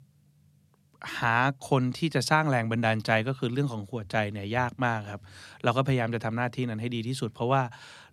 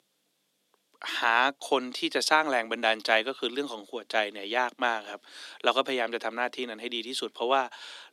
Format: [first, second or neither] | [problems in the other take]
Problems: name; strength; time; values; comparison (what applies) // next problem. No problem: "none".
first | thin; somewhat; fading below 300 Hz